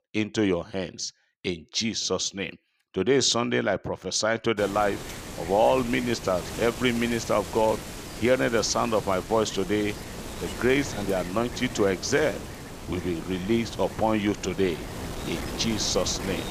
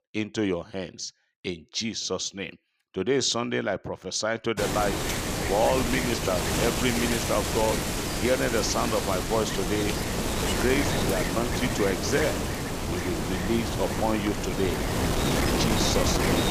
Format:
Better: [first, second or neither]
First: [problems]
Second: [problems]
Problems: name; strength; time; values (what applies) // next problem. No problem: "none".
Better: first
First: wind noise on the microphone; occasional gusts; from 4.5 s on; 10 dB below the speech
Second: wind noise on the microphone; heavy; from 4.5 s on; as loud as the speech